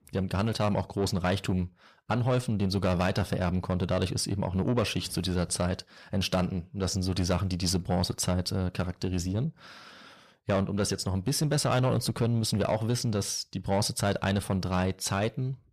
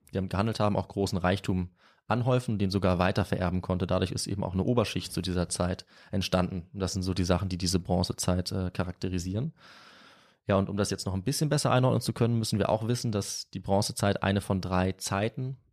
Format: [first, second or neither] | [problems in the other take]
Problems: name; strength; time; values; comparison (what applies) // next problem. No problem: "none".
second | distortion; slight; 10 dB below the speech